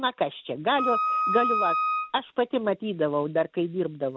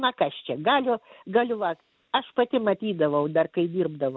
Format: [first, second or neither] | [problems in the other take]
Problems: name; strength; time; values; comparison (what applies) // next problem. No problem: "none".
second | background sound (Wind instrument, woodwind instrument); 1 dB above the speech